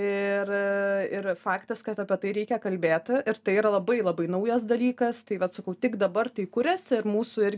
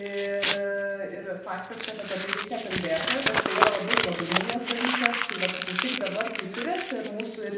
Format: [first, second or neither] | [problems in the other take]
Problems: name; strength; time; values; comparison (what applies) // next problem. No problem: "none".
first | background sound (Crumpling, crinkling); 1 dB above the speech // room echo; dies away in 0.8 s